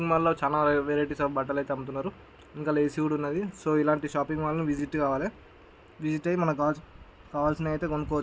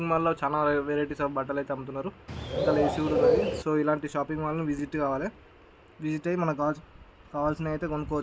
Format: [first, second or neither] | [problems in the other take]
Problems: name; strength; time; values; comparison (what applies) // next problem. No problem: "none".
first | background sound (Bird); 3 dB above the speech